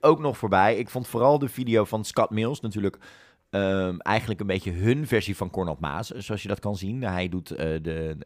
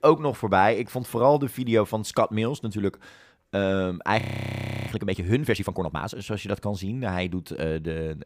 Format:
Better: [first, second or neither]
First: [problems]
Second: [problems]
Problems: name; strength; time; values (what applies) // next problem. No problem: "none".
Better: first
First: none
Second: audio freezing; at 4 s for 0.5 s